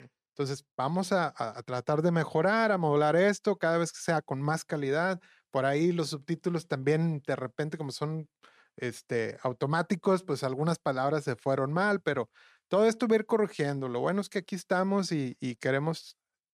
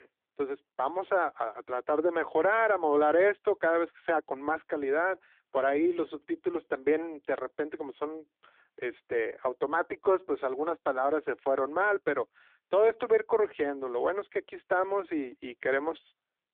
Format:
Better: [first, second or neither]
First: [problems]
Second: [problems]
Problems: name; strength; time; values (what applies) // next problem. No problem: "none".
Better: first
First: none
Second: phone-call audio